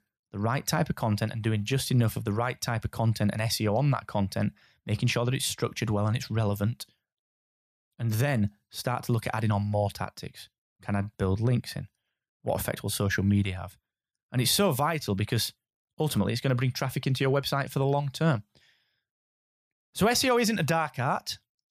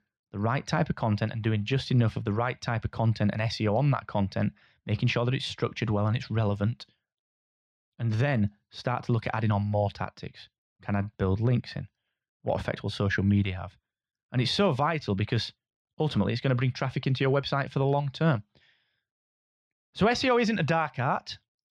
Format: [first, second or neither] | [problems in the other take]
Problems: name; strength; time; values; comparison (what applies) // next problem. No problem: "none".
first | muffled; very slightly; fading above 4 kHz